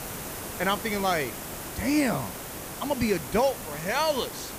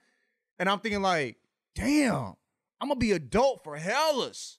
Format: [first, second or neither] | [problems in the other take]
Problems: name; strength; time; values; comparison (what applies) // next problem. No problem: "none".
second | hiss; loud; throughout; 8 dB below the speech